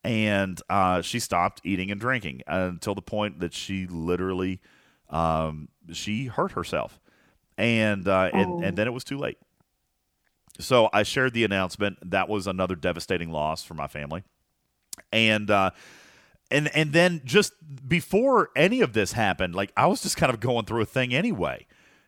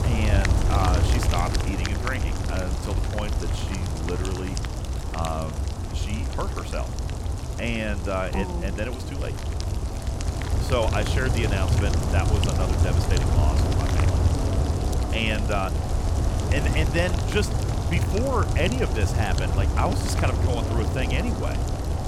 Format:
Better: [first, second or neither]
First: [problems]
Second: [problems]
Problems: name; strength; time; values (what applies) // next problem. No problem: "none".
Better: first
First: none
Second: rain or running water; very loud; throughout; 5 dB above the speech